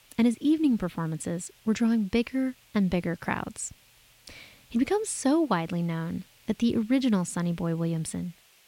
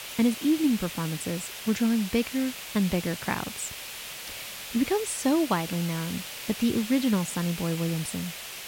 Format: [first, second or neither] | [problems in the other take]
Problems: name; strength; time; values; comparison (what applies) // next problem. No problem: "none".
first | hiss; loud; throughout; 8 dB below the speech; faint in the first